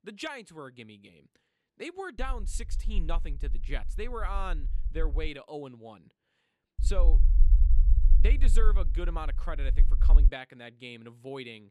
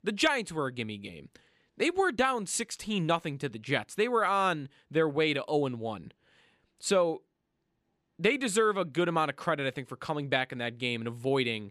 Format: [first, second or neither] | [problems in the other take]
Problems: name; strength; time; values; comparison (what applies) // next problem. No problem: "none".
second | low rumble; noticeable; from 2 to 5.5 s and from 7 to 10 s; 15 dB below the speech